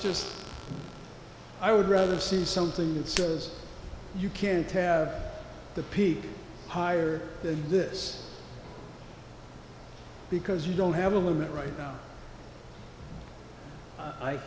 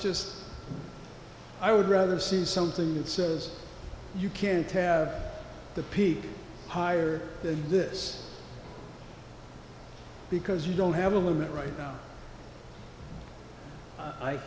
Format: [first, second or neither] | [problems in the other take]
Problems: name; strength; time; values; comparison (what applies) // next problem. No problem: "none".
second | background sound (Hands + Fart); 12 dB below the speech